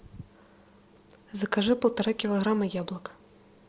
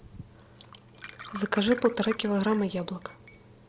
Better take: first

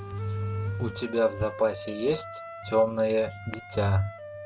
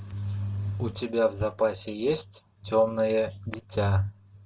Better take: second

